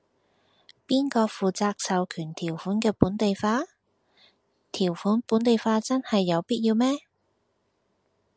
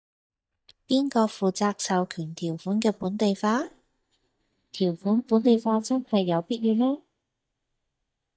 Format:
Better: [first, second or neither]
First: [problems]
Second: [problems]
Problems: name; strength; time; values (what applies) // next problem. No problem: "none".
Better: first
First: none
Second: noise reduction (neural mask model DeepFilterNet 3)